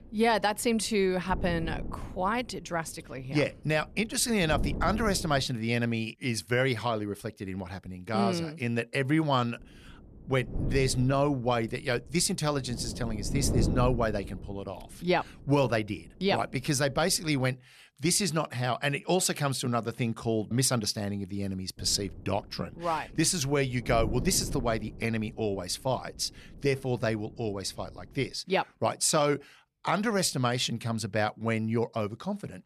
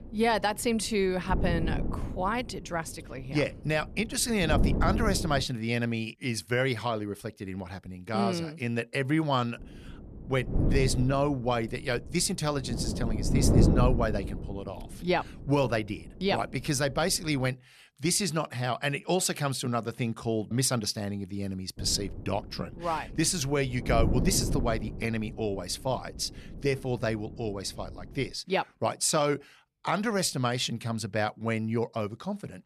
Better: first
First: wind noise on the microphone; occasional gusts; until 5.5 s, from 9.5 to 17 s and from 22 to 28 s; 15 dB below the speech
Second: wind noise on the microphone; heavy; until 5.5 s, from 9.5 to 17 s and from 22 to 28 s; 8 dB below the speech

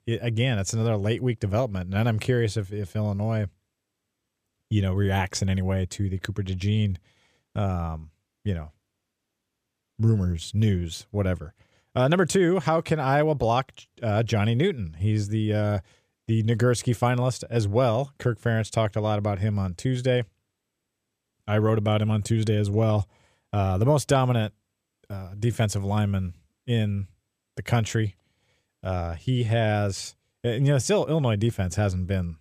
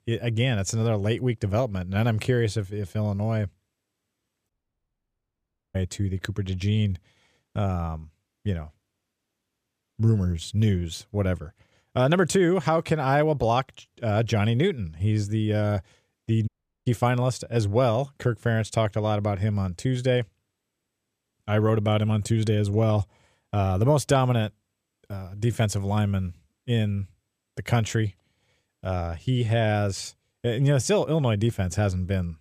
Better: first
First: none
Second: audio cutting out; at 4.5 s for 1 s and at 16 s

